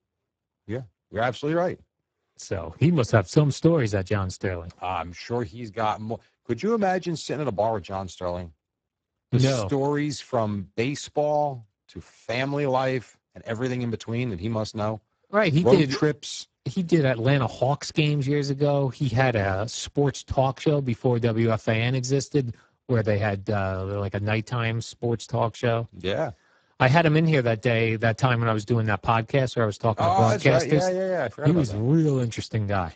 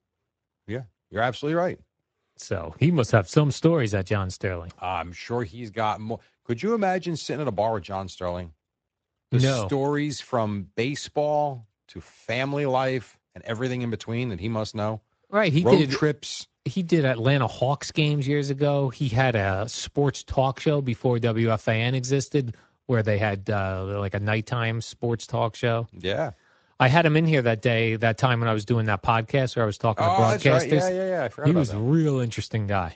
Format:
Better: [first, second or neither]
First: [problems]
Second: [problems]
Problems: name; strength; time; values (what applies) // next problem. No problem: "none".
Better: second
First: garbled, watery; badly; nothing above 7.5 kHz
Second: garbled, watery; slightly; nothing above 8 kHz